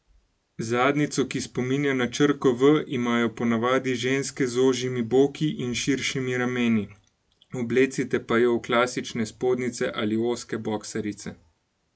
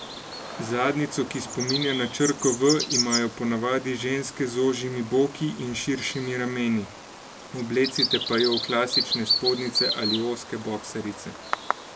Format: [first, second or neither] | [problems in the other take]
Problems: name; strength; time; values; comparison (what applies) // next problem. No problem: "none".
first | background sound (Bird vocalization, bird call, bird song); 5 dB below the speech